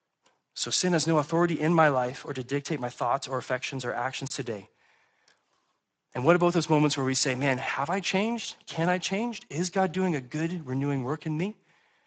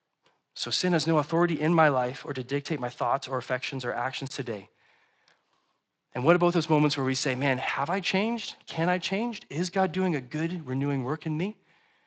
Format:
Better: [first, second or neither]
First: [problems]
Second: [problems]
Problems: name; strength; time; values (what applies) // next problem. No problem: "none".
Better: second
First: garbled, watery; badly; nothing above 8 kHz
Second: garbled, watery; slightly; nothing above 8 kHz